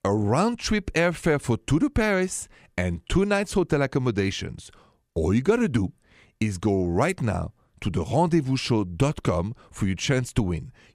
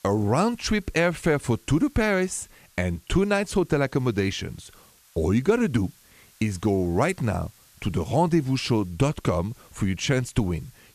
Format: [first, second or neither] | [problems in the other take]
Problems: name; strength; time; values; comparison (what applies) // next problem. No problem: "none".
first | hiss; faint; throughout; 30 dB below the speech